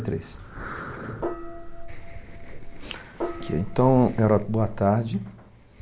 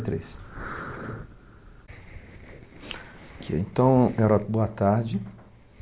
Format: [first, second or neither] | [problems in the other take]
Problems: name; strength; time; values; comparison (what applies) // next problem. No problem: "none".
second | background sound (Gong); 7 dB below the speech